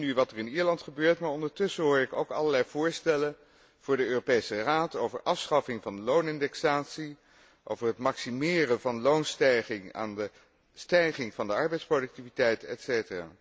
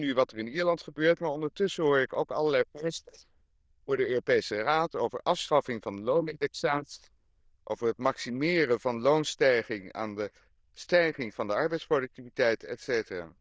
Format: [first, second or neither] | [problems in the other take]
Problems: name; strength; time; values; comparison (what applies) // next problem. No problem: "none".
first | noise reduction (neural diffusion model UNIVERSE++)